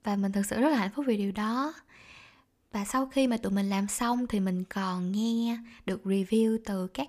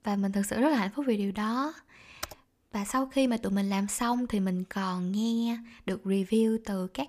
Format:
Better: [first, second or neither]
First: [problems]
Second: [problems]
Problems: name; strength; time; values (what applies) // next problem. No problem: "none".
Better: first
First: none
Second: keyboard typing; faint; at 2 s; peak 10 dB below the speech